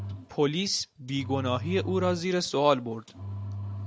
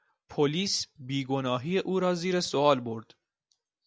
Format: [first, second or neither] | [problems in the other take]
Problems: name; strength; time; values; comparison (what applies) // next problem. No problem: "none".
second | background sound (Engine); 9 dB below the speech